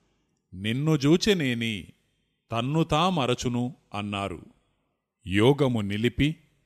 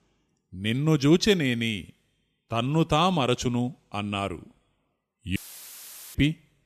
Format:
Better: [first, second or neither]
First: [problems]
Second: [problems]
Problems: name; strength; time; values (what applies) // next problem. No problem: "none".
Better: first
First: none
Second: audio cutting out; filled with static; at 5.5 s for 1 s